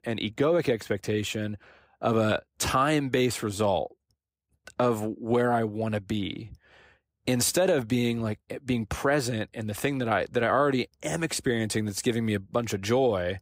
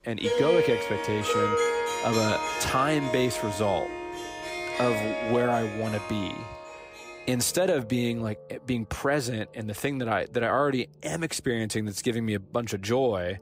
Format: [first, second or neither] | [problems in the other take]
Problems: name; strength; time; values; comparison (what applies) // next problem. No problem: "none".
first | background music; loud; throughout; 2 dB below the speech